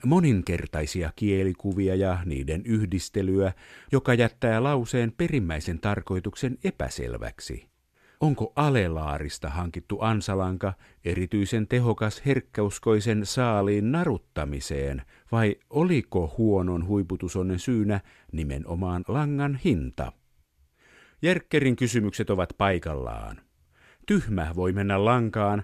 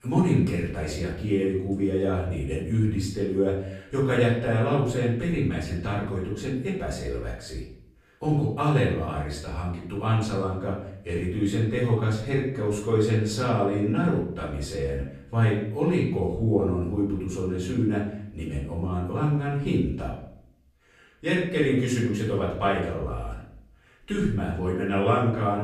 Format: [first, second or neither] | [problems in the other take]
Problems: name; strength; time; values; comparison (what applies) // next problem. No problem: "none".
first | off-mic speech; far // room echo; noticeable; dies away in 0.6 s